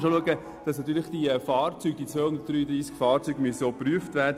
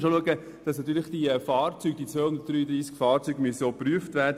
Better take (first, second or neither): second